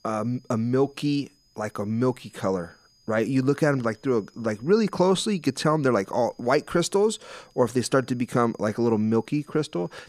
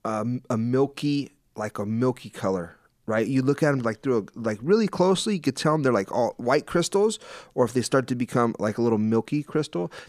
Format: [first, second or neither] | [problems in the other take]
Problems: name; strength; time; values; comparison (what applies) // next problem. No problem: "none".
second | high-pitched whine; faint; throughout; 5 kHz, 35 dB below the speech